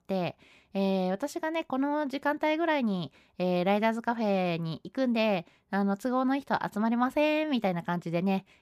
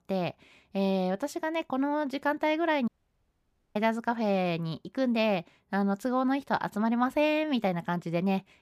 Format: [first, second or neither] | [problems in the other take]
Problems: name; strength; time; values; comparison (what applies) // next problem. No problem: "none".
first | audio cutting out; at 3 s for 1 s